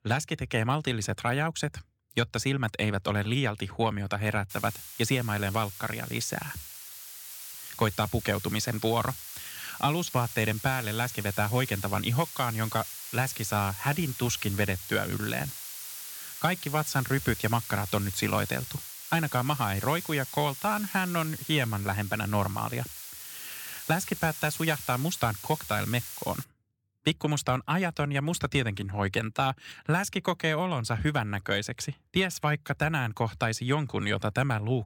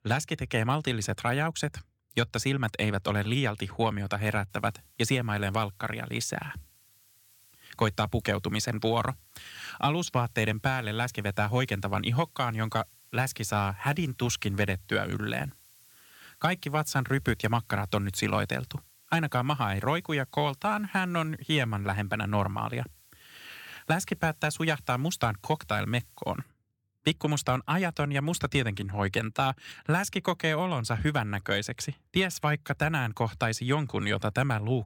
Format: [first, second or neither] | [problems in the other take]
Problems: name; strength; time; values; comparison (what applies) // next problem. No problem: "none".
second | hiss; loud; from 4.5 to 26 s; 9 dB below the speech; faint in the second